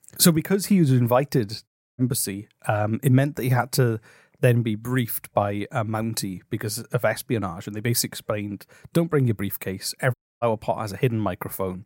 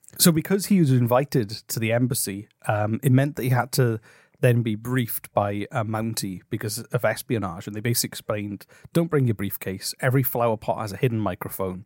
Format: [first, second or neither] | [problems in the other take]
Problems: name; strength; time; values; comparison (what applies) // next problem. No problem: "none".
second | audio cutting out; at 1.5 s and at 10 s